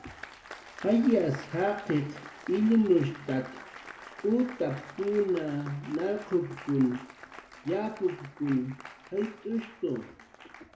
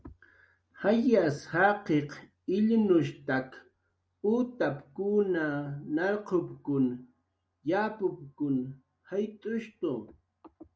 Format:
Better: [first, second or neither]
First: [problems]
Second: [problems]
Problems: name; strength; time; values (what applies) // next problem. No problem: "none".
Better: second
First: background sound (Applause); 17 dB below the speech // room echo; dies away in 1.3 s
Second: none